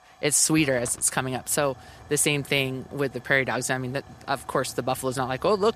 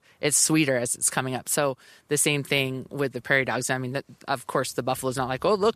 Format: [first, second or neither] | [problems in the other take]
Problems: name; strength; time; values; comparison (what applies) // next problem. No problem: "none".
second | hiss; faint; throughout; 25 dB below the speech